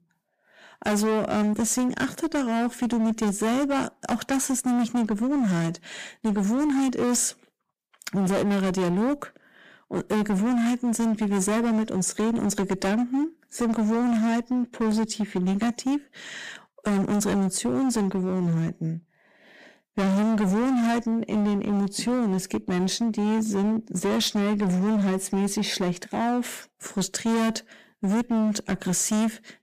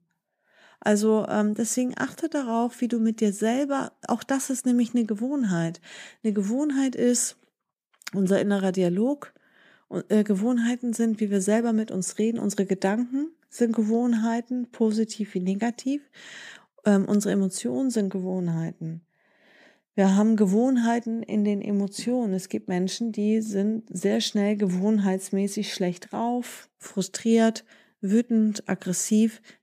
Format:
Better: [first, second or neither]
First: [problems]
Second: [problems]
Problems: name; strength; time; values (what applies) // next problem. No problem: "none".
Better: second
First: distortion; heavy; 26% of the sound clipped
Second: none